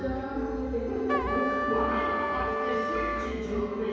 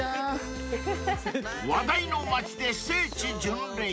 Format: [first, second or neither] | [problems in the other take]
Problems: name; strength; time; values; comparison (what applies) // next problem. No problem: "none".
second | background sound (Trumpet); 1 dB below the speech // room echo; dies away in 2.2 s